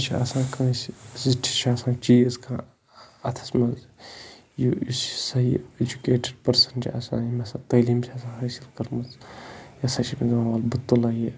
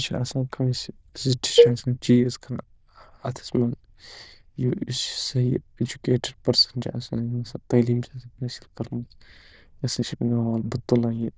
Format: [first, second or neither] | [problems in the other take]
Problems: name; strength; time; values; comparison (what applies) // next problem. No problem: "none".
first | noise reduction (neural diffusion model UNIVERSE++)